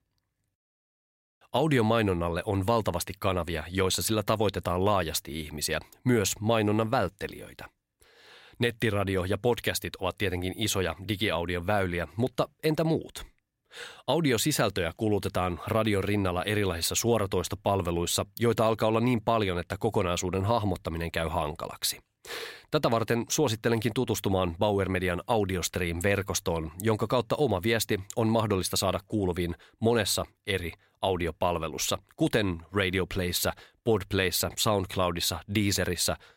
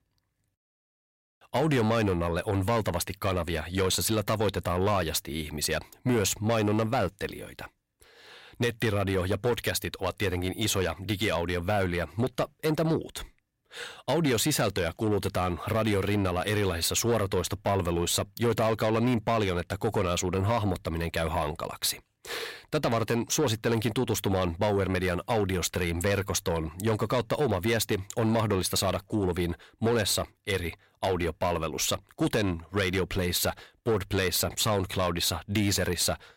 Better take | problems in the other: first | distortion; slight; 10 dB below the speech

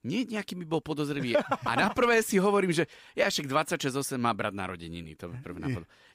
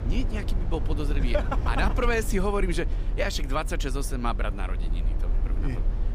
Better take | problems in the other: first | low rumble; noticeable; throughout; 15 dB below the speech

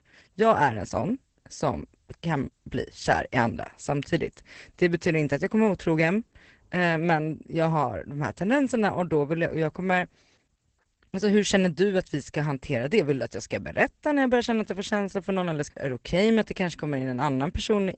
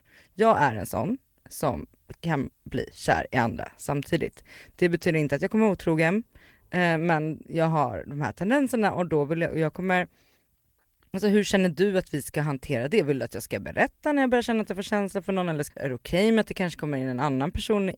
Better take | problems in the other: second | garbled, watery; badly; nothing above 8 kHz; slightly in the second

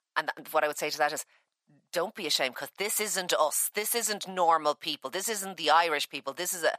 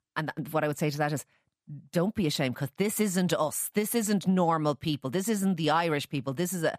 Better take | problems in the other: second | thin; very; fading below 700 Hz

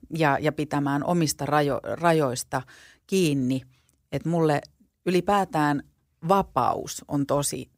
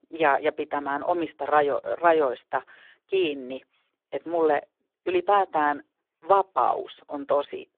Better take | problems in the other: first | phone-call audio; poor line

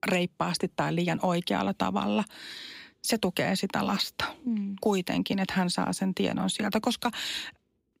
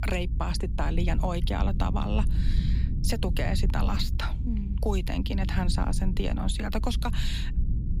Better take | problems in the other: first | low rumble; noticeable; throughout; 10 dB below the speech

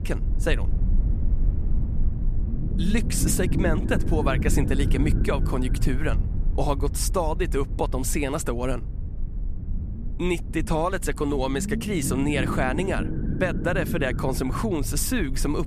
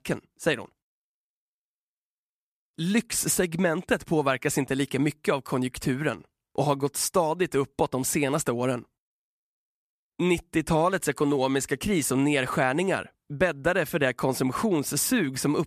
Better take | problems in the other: second | low rumble; noticeable; throughout; 10 dB below the speech

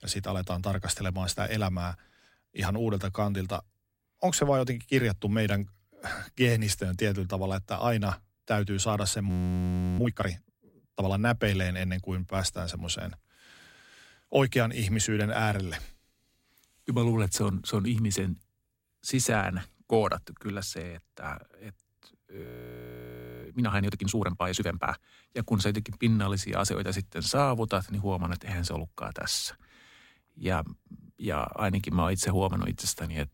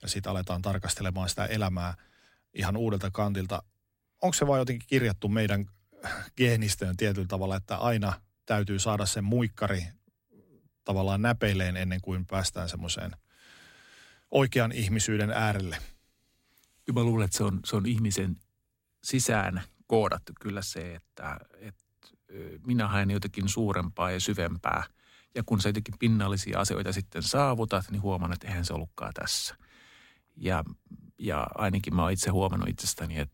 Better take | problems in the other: second | audio freezing; at 9.5 s for 0.5 s and at 22 s for 1 s

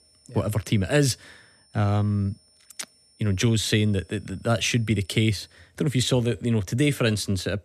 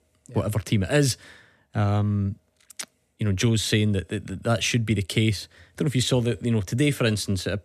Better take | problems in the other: second | high-pitched whine; faint; until 5.5 s; 5.5 kHz, 30 dB below the speech

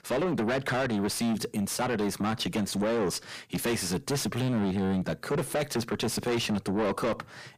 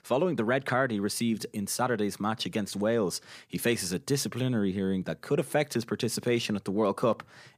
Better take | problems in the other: second | distortion; heavy; 6 dB below the speech

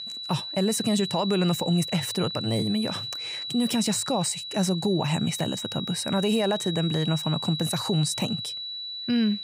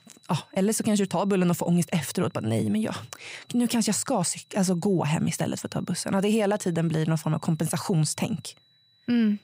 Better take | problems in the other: second | high-pitched whine; loud; throughout; 4 kHz, 5 dB below the speech; faint in the second

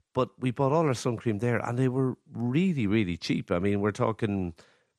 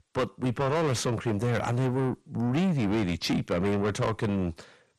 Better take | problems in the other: first | distortion; heavy; 7 dB below the speech

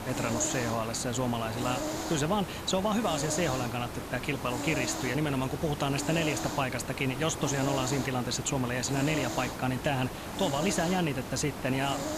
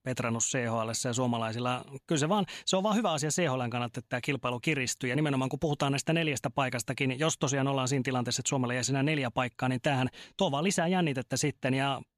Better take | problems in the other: second | hiss; loud; throughout; 5 dB below the speech

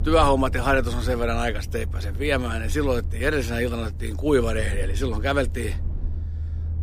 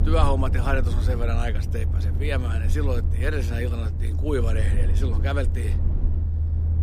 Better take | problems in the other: first | low rumble; loud; throughout; 9 dB below the speech; faint in the first

